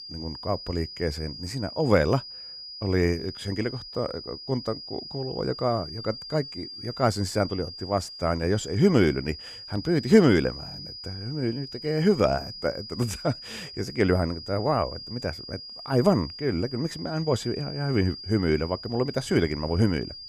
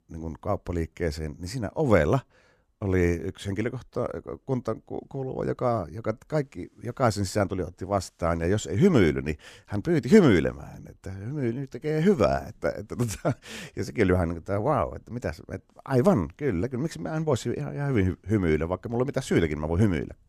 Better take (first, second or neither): second